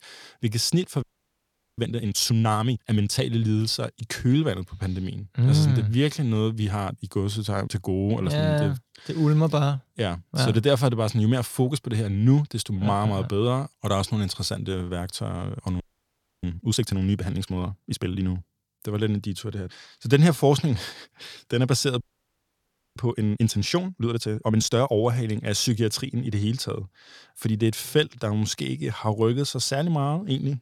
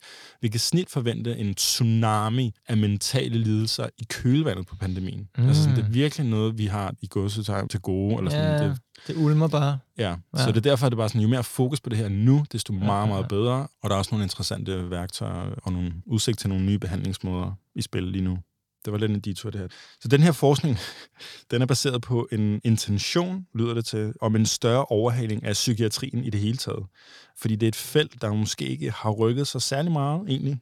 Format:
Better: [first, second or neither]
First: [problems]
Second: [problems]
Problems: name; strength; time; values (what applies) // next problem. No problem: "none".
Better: second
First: audio freezing; at 1 s for 1 s, at 16 s for 0.5 s and at 22 s for 1 s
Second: none